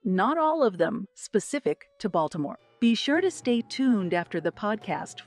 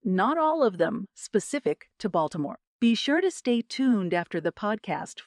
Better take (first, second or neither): second